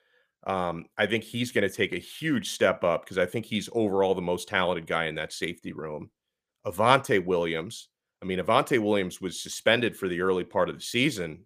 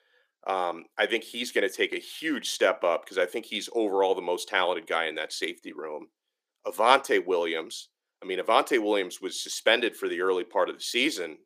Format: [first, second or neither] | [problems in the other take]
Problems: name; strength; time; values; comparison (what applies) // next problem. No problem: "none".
first | thin; somewhat; fading below 300 Hz